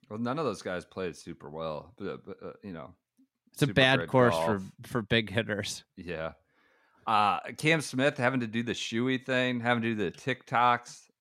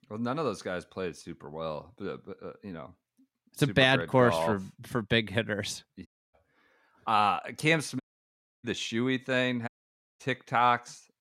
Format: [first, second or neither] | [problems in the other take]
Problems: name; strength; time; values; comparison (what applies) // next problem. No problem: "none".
first | audio cutting out; at 6 s, at 8 s for 0.5 s and at 9.5 s for 0.5 s